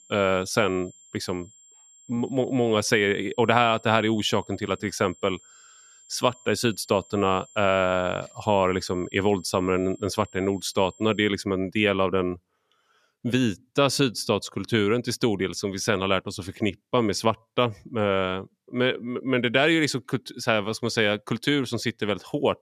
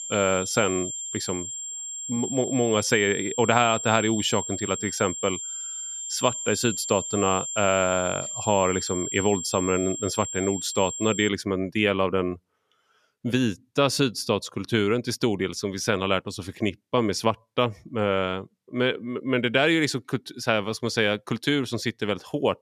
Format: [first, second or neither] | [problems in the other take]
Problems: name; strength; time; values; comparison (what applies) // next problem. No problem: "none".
first | high-pitched whine; loud; until 11 s; 7.5 kHz, 6 dB below the speech; faint in the first